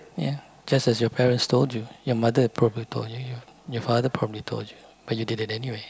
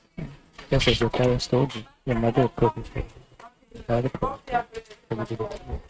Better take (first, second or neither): first